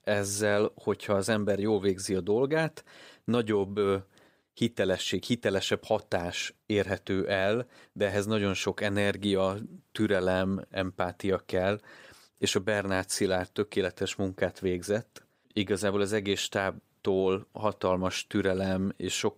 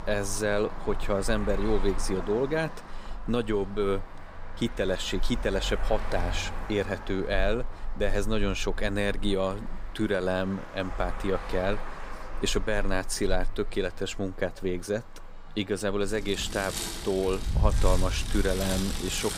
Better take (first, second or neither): first